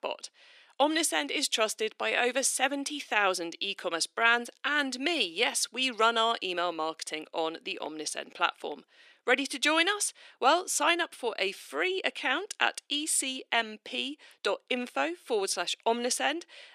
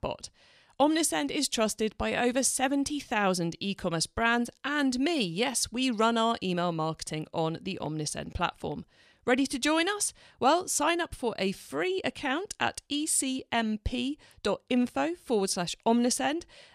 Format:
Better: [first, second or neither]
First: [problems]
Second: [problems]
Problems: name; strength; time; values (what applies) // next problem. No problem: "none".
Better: second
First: thin; somewhat; fading below 300 Hz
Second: none